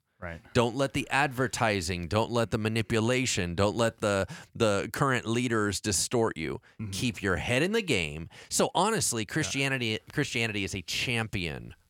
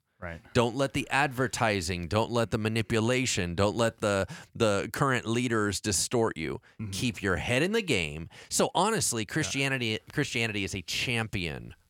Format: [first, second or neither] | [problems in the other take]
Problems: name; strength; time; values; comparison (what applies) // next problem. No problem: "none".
neither | none